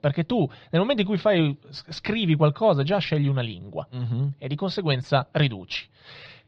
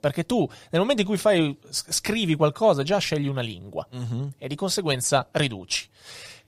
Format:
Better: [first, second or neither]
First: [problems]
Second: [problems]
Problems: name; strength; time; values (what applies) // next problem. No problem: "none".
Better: second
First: muffled; slightly; fading above 4 kHz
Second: none